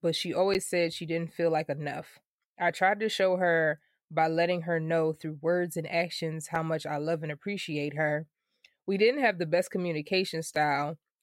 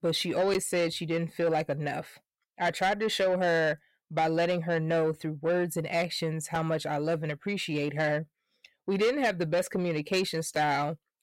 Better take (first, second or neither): first